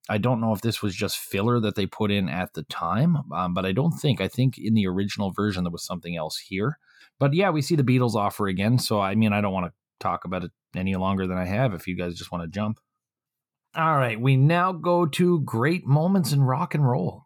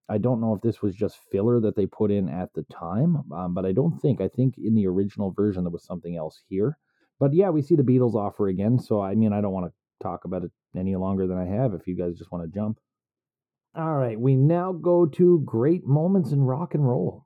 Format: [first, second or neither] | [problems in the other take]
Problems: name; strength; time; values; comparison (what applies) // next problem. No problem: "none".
first | muffled; very; fading above 1 kHz